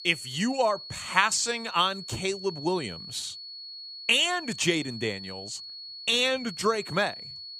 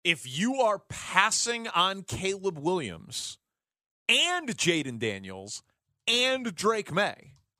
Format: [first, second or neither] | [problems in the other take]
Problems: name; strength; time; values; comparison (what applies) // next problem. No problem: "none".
second | high-pitched whine; noticeable; throughout; 4.5 kHz, 10 dB below the speech